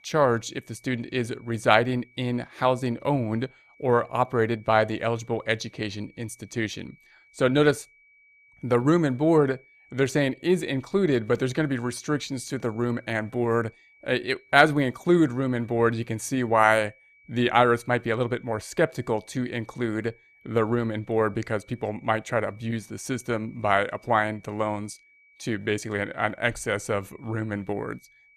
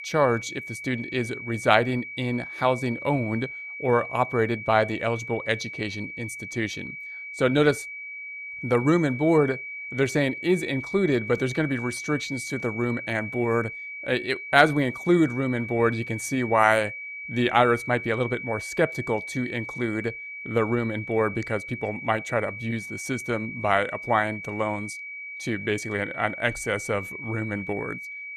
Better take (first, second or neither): first